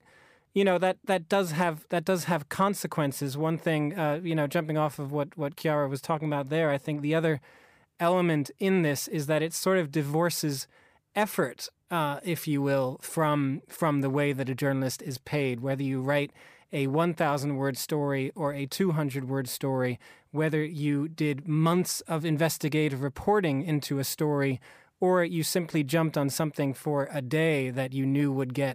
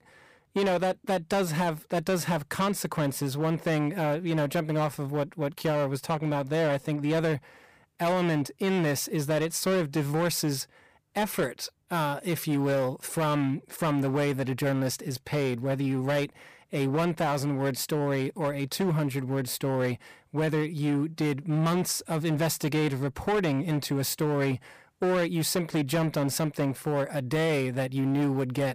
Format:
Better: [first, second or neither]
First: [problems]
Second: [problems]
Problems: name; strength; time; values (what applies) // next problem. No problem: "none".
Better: first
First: none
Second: distortion; slight; 13% of the sound clipped